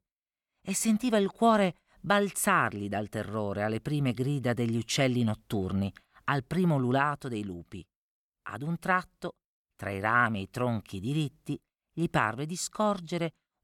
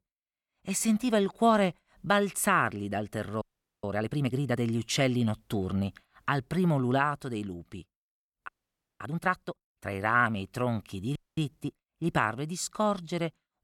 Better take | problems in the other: first | audio freezing; at 3.5 s, at 8.5 s for 0.5 s and at 11 s

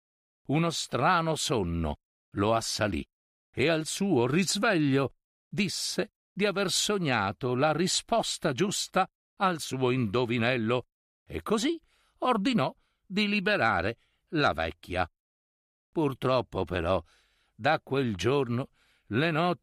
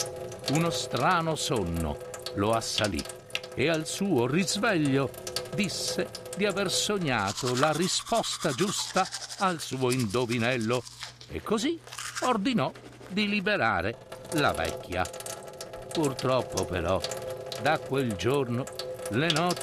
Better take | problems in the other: first | household noises; loud; throughout; 8 dB below the speech

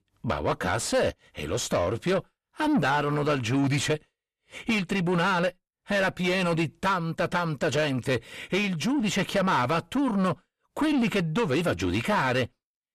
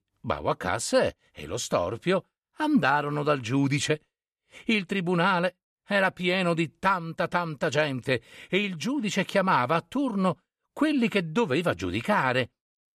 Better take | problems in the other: second | distortion; heavy; 7 dB below the speech

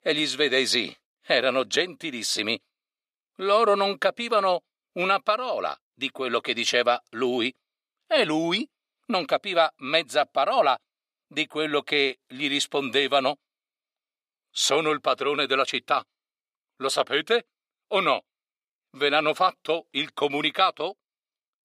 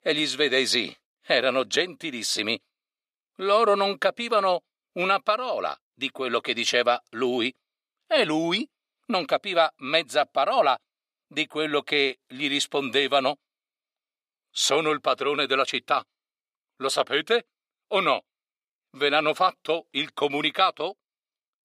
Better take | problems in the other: neither | thin; somewhat; fading below 400 Hz; the same in both

